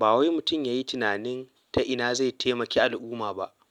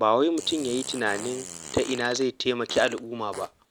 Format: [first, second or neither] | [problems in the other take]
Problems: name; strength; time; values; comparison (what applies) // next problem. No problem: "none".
first | background sound (Fart); 15 dB below the speech